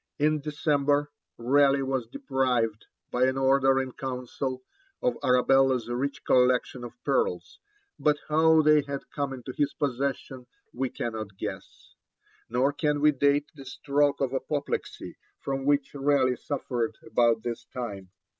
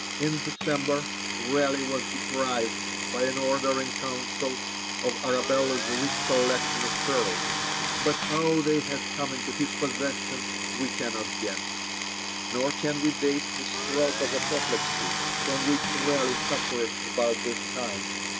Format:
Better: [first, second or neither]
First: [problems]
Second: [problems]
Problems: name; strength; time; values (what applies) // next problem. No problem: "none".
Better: first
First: none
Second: background sound (Power tool + Tools); 1 dB below the speech